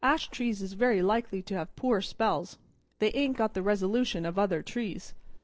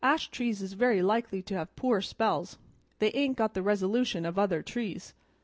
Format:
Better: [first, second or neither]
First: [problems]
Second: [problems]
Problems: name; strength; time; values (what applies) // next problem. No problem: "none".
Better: second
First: noise reduction (neural separator model SepFormer DNS4)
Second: none